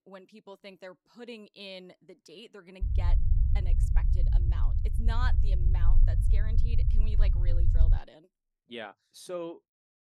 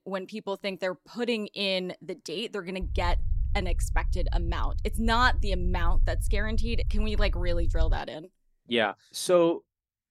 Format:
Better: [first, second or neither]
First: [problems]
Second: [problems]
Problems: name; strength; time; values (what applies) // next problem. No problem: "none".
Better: second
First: low rumble; loud; from 3 to 8 s; 4 dB below the speech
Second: low rumble; faint; from 3 to 8 s; 20 dB below the speech